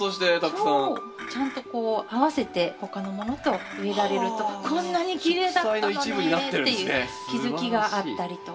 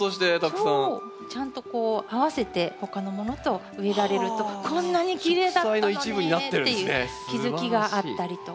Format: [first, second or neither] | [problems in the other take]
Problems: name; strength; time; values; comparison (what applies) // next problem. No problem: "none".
second | background sound (Chink, clink); 20 dB below the speech // room echo; dies away in 0.1 s